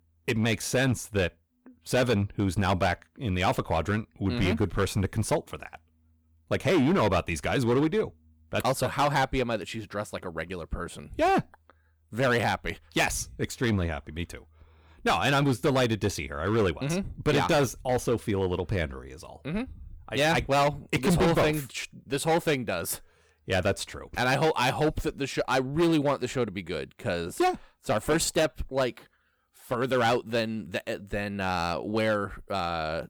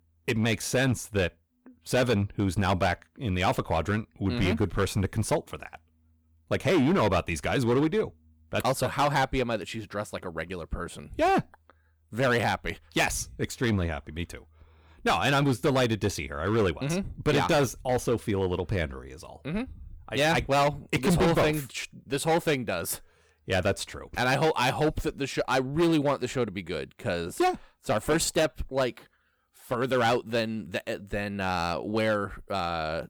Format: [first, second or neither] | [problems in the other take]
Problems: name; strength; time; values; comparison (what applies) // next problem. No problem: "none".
neither | distortion; heavy; 7% of the sound clipped; the same in both